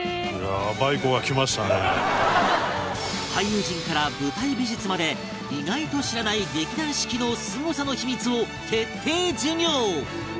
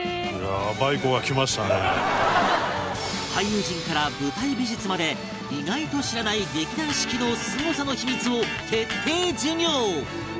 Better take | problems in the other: first | background sound (Electric guitar); 8 dB below the speech

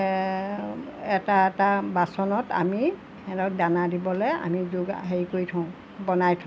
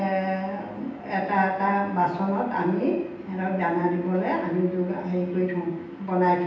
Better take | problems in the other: first | room echo; dies away in 0.9 s

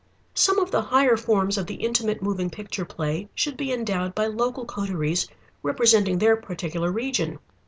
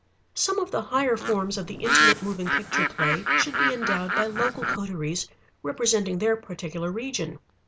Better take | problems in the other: first | background sound (Bird); 3 dB above the speech

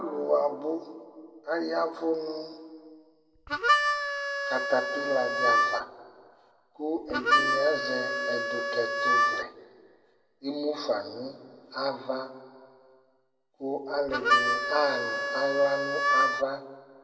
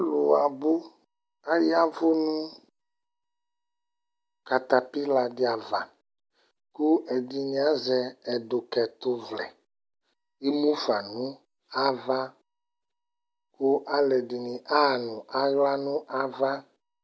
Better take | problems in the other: second | background sound (Harmonica); 4 dB above the speech // room echo; dies away in 1.5 s

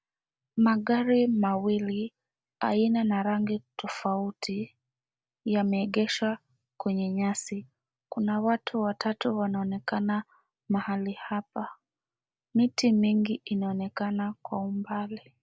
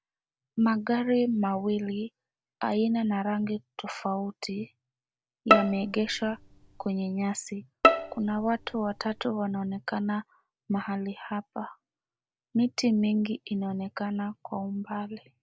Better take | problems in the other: first | background sound (Bowed string instrument); 2 dB above the speech

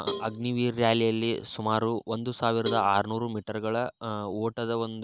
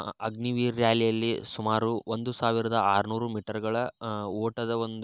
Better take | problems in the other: second | background sound (Cowbell); 13 dB below the speech

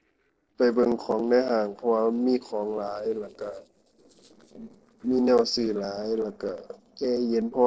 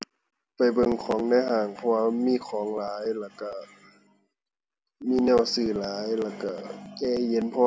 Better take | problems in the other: second | noise reduction (neural separator model SepFormer DNS4)

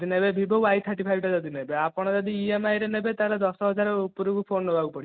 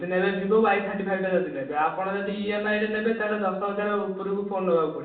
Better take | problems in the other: first | room echo; dies away in 0.6 s

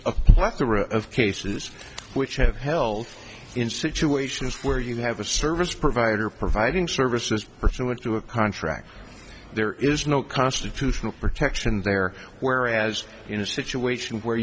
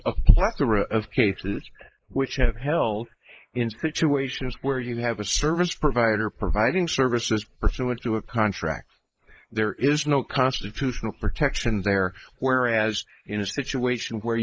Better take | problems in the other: first | noise reduction (neural mask model Resemble Enhance denoiser)

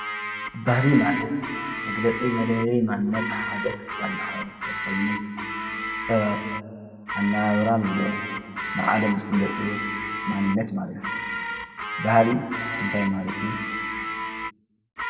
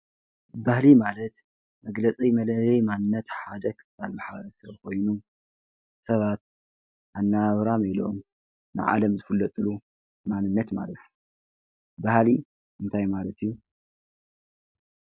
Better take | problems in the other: second | background sound (Guitar); 5 dB below the speech // room echo; dies away in 1.5 s

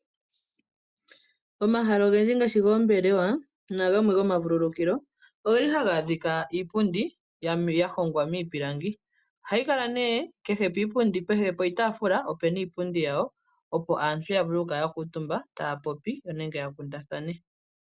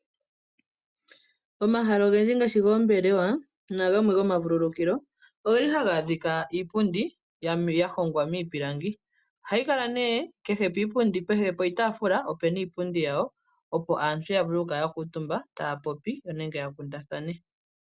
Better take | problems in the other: second | noise reduction (neural mask model Resemble Enhance denoiser)

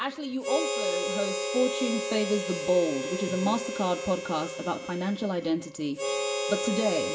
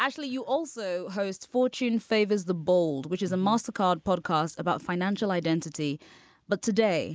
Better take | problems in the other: second | background sound (Harmonica); 3 dB below the speech // room echo; dies away in 0.6 s

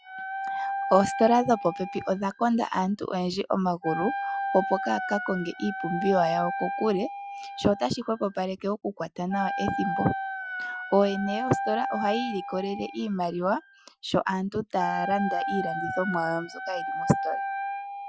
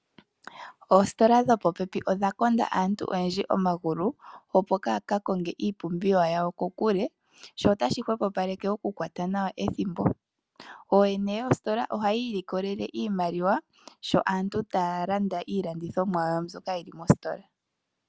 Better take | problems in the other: second | noise reduction (classical method Wiener filter)

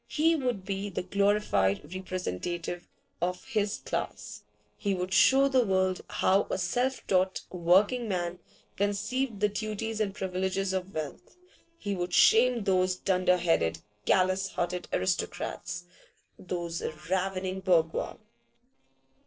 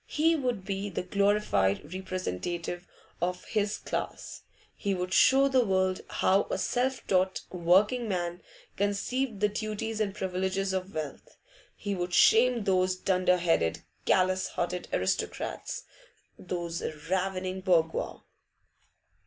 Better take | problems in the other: second | noise reduction (neural separator model SepFormer DNS4)

